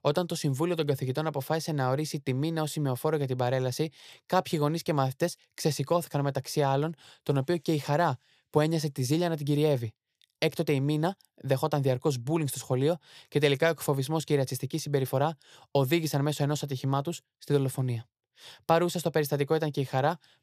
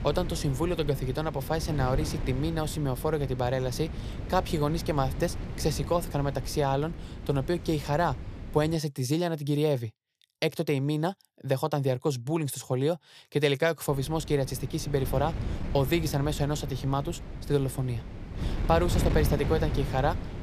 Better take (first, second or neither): first